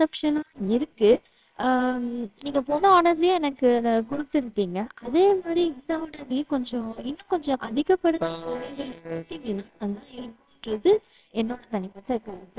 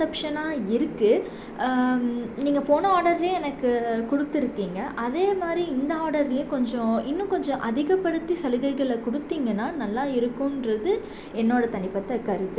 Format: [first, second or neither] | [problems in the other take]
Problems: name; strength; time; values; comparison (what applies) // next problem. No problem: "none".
second | noise reduction (neural separator model SepFormer WHAMR!)